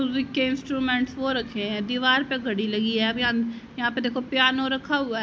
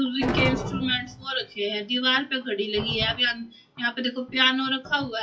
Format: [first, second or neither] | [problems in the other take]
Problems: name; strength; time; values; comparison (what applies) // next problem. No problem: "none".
first | noise reduction (classical method WPE with log-MMSE)